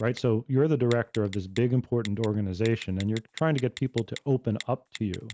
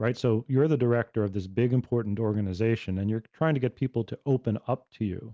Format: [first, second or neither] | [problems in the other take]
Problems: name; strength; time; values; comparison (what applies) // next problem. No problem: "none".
second | background sound (Telephone); 19 dB below the speech